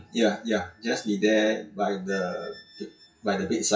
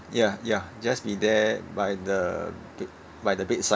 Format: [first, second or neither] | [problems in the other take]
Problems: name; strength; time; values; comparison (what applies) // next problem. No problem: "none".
second | noise reduction (classical method WPE with log-MMSE)